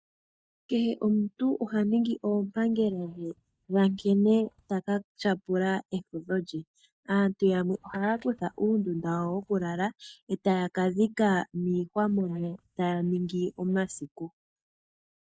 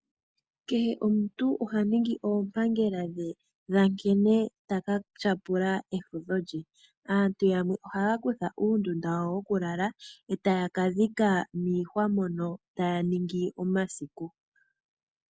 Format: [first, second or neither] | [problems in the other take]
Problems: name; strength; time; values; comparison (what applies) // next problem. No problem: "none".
second | noise reduction (neural mask model DeepFilterNet 3)